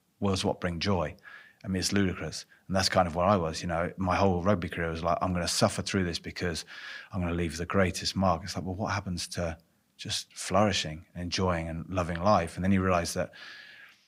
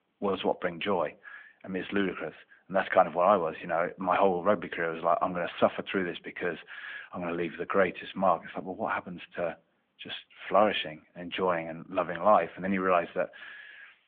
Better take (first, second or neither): first